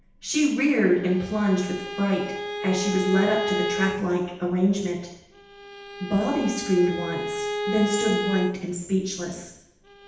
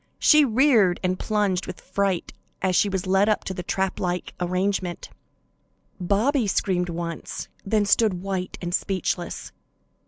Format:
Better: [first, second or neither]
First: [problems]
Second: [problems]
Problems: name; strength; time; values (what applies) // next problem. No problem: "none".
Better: second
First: background sound (Bowed string instrument); 7 dB below the speech // room echo; dies away in 0.9 s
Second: none